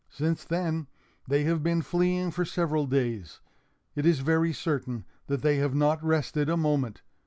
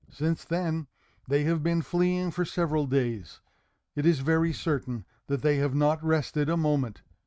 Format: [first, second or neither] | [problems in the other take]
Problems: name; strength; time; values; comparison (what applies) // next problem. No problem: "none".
first | noise reduction (neural mask model RNNoise)